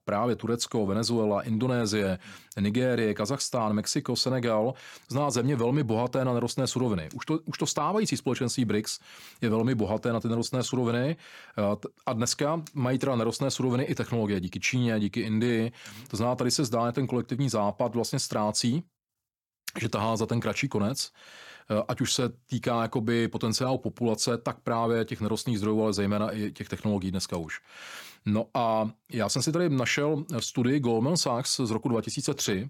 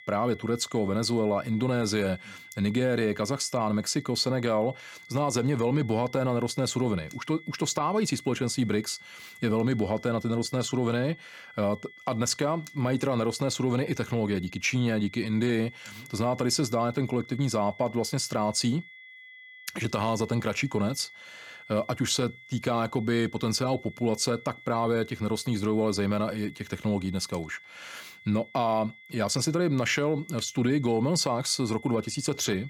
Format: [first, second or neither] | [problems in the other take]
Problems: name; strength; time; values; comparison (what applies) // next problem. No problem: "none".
first | high-pitched whine; noticeable; throughout; 2 kHz, 20 dB below the speech